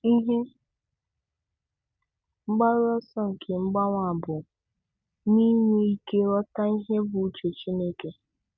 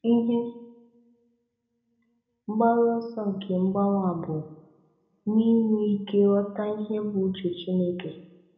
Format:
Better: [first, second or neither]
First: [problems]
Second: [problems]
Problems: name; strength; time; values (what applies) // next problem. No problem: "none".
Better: first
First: none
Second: room echo; dies away in 0.7 s